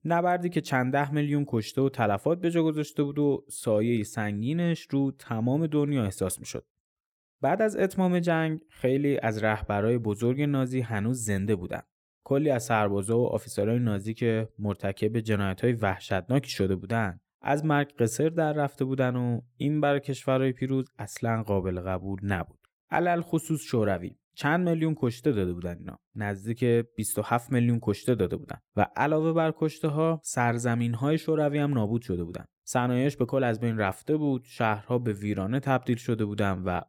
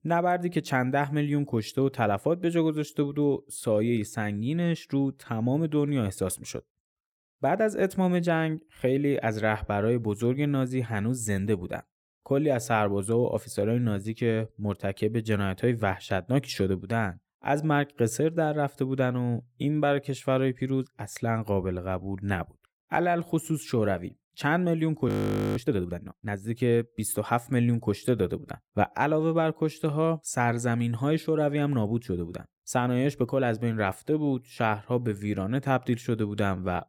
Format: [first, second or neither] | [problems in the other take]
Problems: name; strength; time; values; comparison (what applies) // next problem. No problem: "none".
first | audio freezing; at 25 s